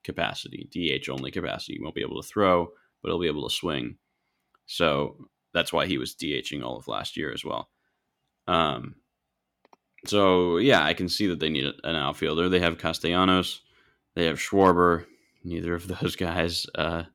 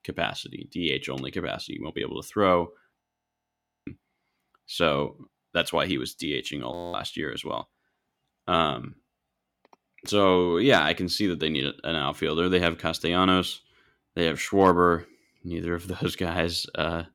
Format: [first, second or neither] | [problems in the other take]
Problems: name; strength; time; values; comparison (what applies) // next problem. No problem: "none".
first | audio freezing; at 3 s for 1 s and at 6.5 s